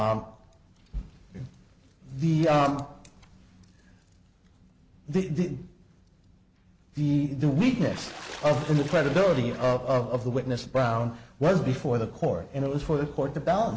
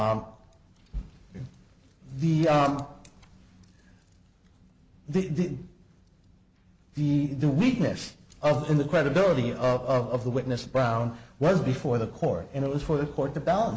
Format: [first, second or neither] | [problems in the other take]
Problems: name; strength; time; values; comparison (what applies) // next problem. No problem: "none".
second | background sound (Water / Splash, splatter); 16 dB below the speech